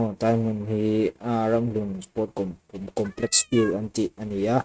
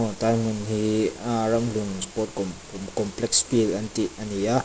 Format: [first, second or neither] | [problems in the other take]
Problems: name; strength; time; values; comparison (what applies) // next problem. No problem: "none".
second | noise reduction (neural mask model RNNoise)